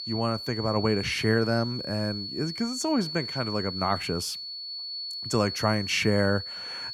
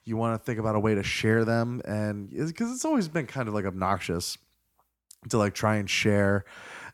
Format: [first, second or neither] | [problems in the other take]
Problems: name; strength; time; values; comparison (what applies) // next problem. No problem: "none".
second | high-pitched whine; loud; throughout; 4.5 kHz, 6 dB below the speech